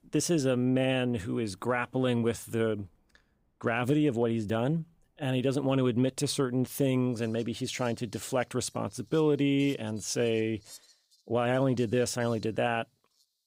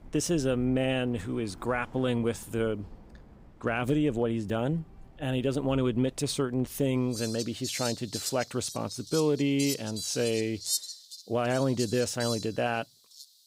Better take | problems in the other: first | animal sounds; loud; throughout; 7 dB below the speech; faint in the first

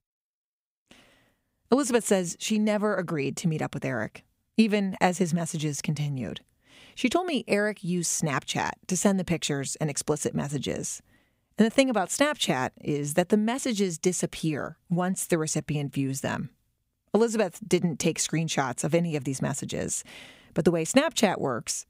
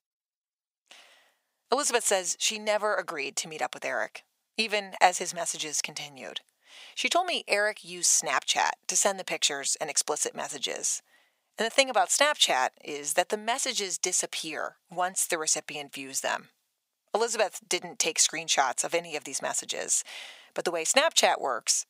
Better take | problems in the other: first | thin; very; fading below 650 Hz

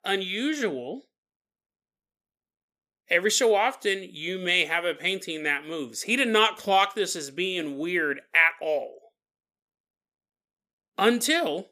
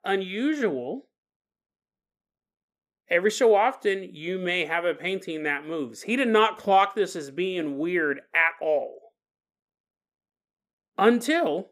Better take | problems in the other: first | muffled; slightly; fading above 2 kHz

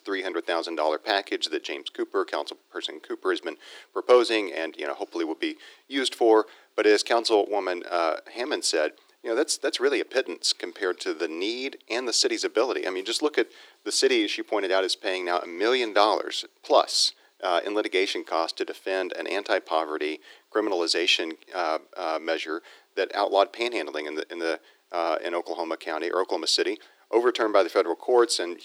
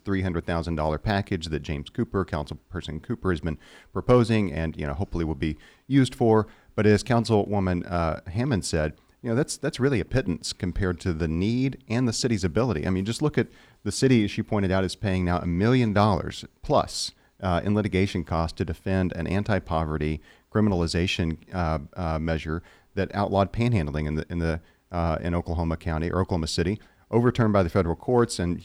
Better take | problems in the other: second | thin; very; fading below 300 Hz

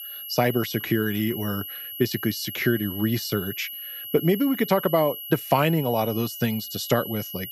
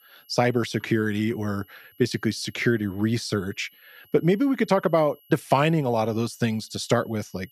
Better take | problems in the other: second | high-pitched whine; loud; throughout; 12 kHz, 9 dB below the speech; faint in the second

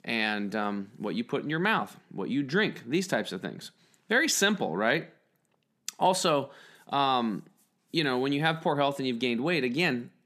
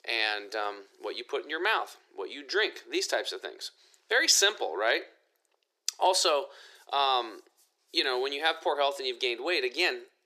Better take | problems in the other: first | thin; very; fading below 350 Hz

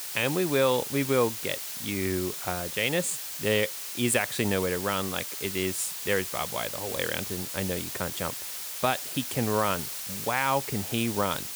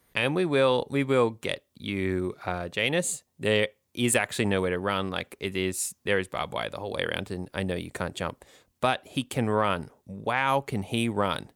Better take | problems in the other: second | hiss; loud; throughout; 4 dB below the speech

